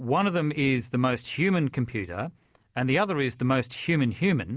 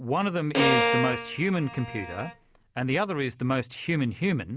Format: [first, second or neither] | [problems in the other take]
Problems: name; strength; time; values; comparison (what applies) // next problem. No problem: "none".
first | background sound (Bowed string instrument); as loud as the speech